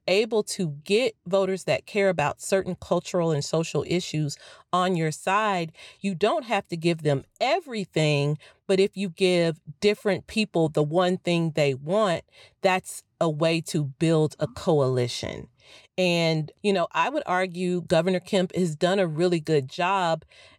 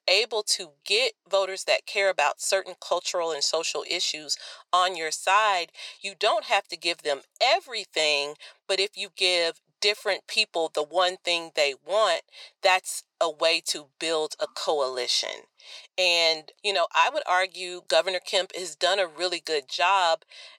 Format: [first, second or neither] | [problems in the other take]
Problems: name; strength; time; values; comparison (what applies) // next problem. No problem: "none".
first | thin; very; fading below 600 Hz